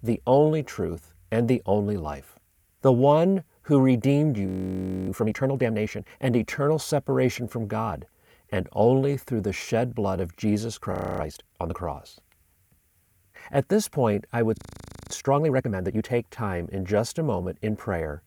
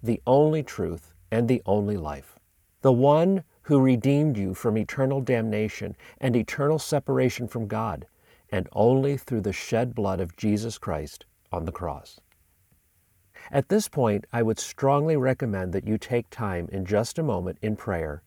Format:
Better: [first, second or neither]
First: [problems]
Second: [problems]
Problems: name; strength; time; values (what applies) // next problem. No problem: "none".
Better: second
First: audio freezing; at 4.5 s for 0.5 s, at 11 s and at 15 s for 0.5 s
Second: none